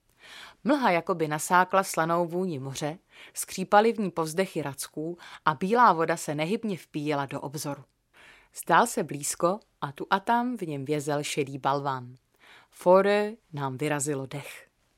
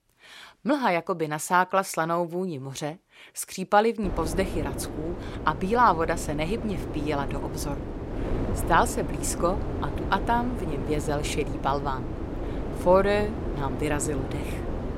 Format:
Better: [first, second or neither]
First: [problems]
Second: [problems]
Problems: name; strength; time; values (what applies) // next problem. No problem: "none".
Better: first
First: none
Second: wind noise on the microphone; occasional gusts; from 4 s on; 10 dB below the speech